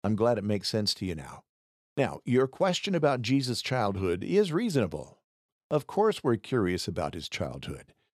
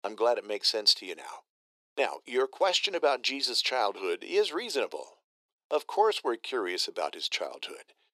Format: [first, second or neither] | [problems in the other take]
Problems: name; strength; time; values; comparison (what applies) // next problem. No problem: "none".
first | thin; very; fading below 350 Hz